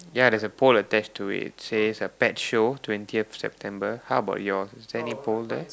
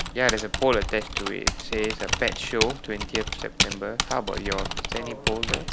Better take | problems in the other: first | background sound (Typing); 1 dB below the speech

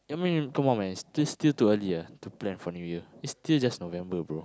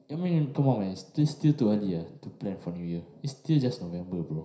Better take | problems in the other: first | room echo; dies away in 0.5 s

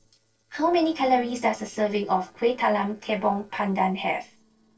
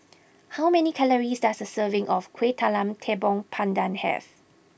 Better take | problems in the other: second | noise reduction (neural separator model SepFormer DNS4)

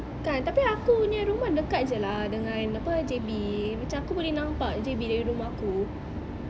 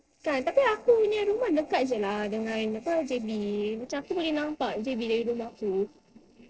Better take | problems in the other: first | noise reduction (neural separator model SepFormer DNS4)

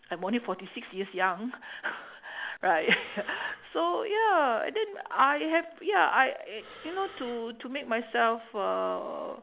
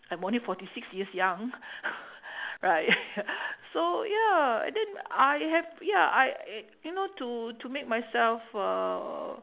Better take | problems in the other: second | background sound (Breathing); 19 dB below the speech

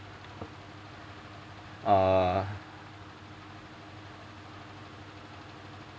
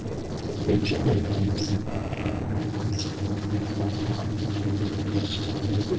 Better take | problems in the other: first | noise reduction (neural separator model SepFormer DNS4)

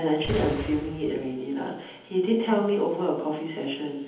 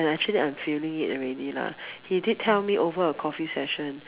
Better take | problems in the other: second | background sound (Boom); 8 dB below the speech // room echo; dies away in 1.3 s

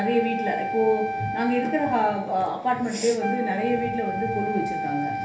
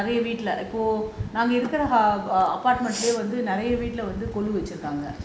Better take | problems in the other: second | background sound (Wind instrument, woodwind instrument); 5 dB below the speech // room echo; dies away in 0.3 s

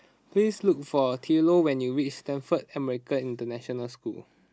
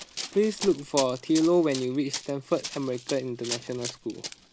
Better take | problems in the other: first | background sound (Run); 11 dB below the speech

